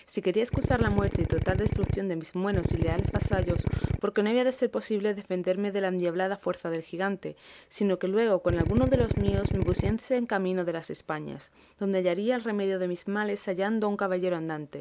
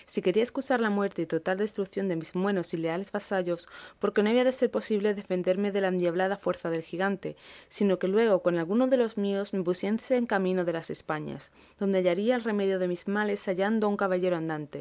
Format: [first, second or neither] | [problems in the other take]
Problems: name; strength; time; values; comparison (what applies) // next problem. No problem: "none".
second | background sound (Drill); 1 dB above the speech